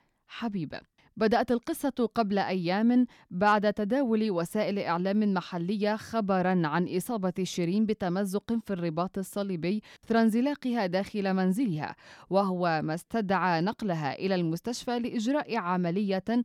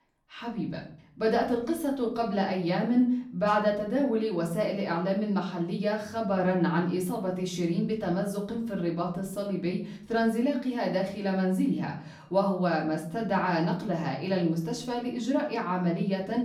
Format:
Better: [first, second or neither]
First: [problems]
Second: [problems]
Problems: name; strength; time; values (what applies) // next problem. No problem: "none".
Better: first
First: none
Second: off-mic speech; far // room echo; slight; dies away in 0.5 s